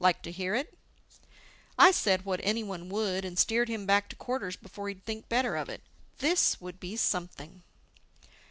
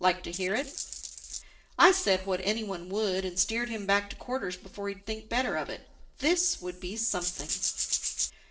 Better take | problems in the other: first | noise reduction (neural separator model SepFormer DNS4)

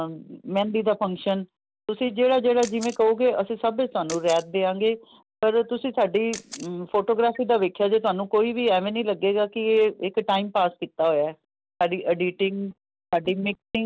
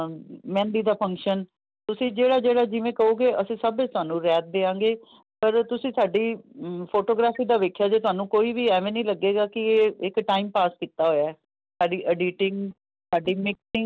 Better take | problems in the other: second | background sound (Camera); 19 dB below the speech

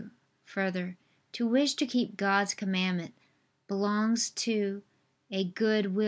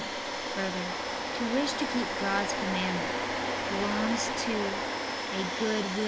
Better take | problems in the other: first | background sound (Domestic sounds, home sounds); 1 dB above the speech

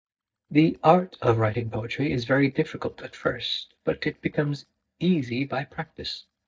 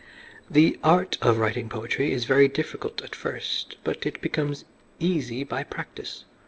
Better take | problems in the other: second | noise reduction (neural mask model DeepFilterNet 3)

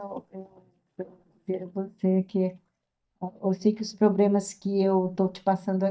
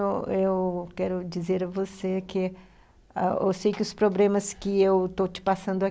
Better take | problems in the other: second | noise reduction (neural mask model DeepFilterNet 3)

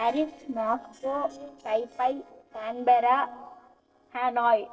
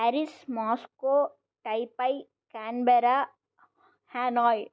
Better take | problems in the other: second | noise reduction (neural separator model SepFormer DNS4)

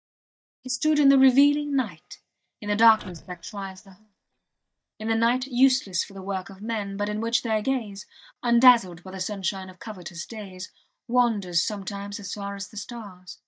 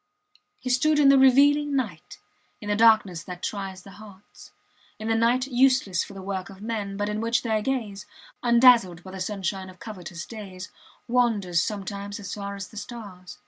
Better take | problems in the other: second | noise reduction (neural mask model DeepFilterNet 3)

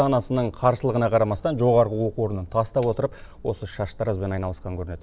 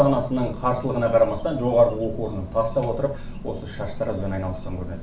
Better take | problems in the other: first | background sound (Insect); 16 dB below the speech // room echo; dies away in 0.4 s

